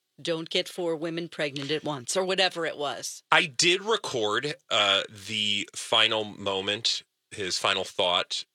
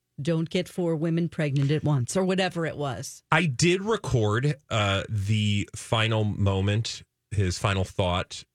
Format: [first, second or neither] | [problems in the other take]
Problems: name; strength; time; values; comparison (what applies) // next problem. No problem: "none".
second | thin; very; fading below 400 Hz